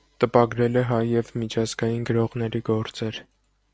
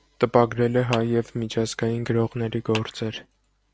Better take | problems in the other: first | background sound (Clapping); 16 dB below the speech

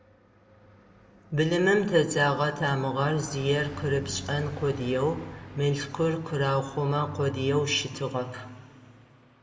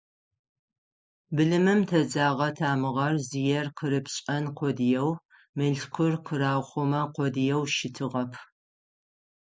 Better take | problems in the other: second | background sound (Car passing by); 16 dB below the speech // room echo; dies away in 1.3 s

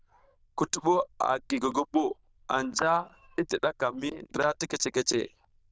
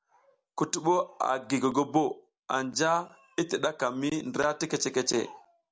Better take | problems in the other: second | noise reduction (neural diffusion model UNIVERSE++)

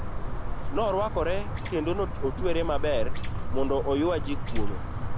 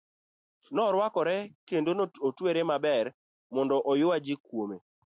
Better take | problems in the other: second | background sound (Chirp, tweet); 3 dB above the speech

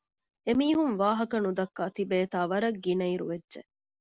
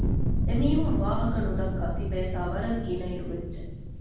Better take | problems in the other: first | background sound (Fire); 4 dB above the speech // room echo; dies away in 1.2 s

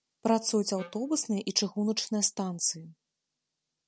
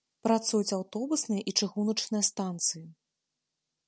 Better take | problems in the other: second | background sound (Wind instrument, woodwind instrument); 18 dB below the speech

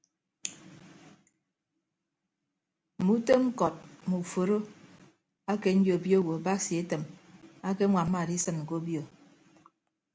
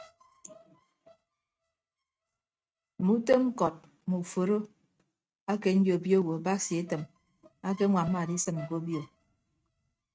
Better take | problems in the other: first | noise reduction (neural mask model RNNoise)

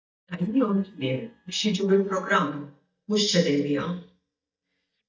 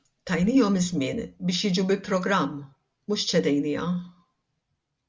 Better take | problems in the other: second | noise reduction (neural mask model DeepFilterNet 3)

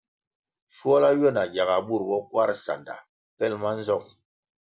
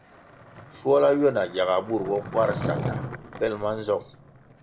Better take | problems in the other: first | background sound (Skateboard); 10 dB below the speech

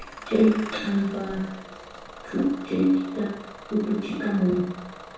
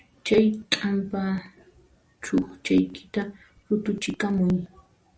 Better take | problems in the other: second | background sound (Engine starting / Bus); 15 dB below the speech // room echo; dies away in 0.7 s

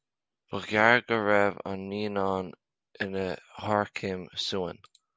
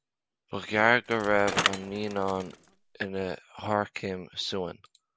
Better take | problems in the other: first | background sound (Bicycle); 5 dB below the speech

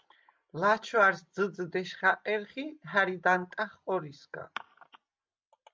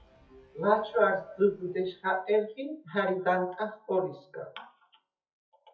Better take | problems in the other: first | noise reduction (classical method WPE with log-MMSE)

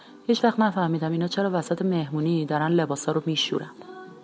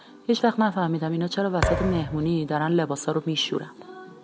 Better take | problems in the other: first | background sound (Thump, thud); 4 dB below the speech

